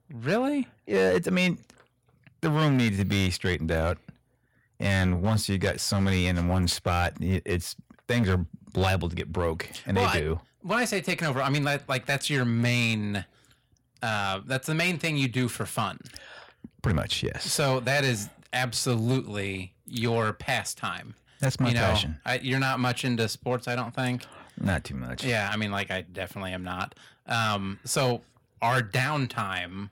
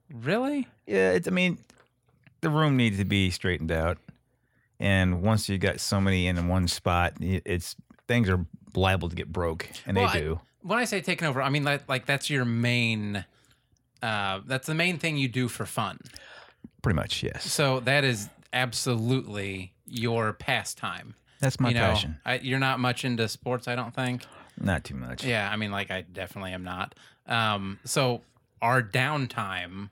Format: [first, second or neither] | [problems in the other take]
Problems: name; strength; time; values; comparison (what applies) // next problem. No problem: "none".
second | distortion; slight; 4% of the sound clipped